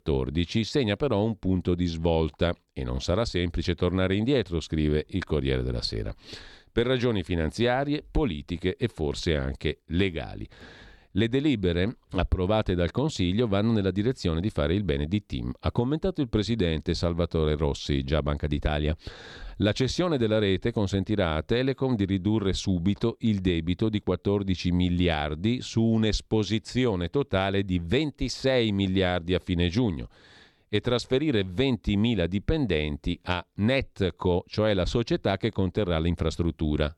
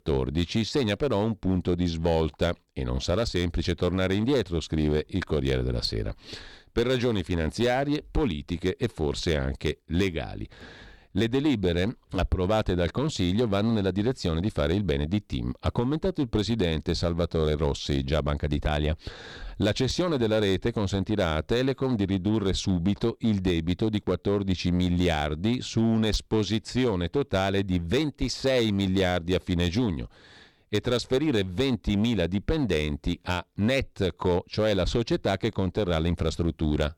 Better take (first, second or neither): first